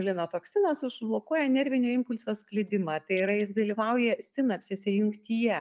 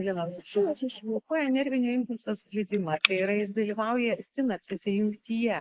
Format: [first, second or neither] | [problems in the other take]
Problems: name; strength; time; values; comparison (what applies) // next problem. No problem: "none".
first | noise reduction (neural mask model Resemble Enhance denoiser)